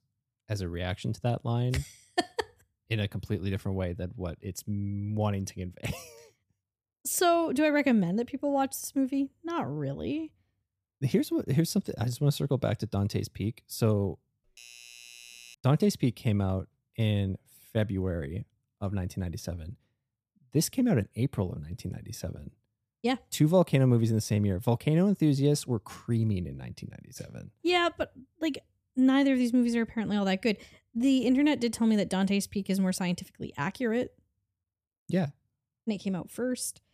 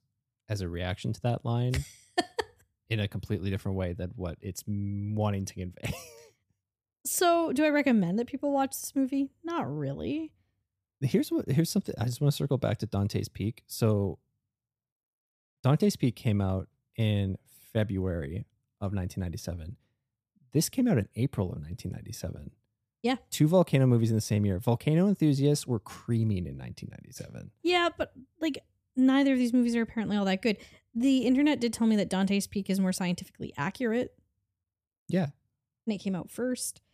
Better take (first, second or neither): second